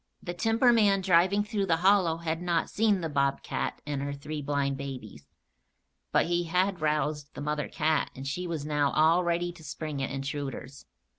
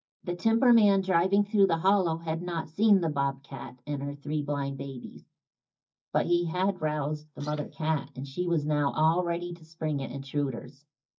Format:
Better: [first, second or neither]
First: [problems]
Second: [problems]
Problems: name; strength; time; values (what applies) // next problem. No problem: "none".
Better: first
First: none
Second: noise reduction (neural mask model DeepFilterNet 3)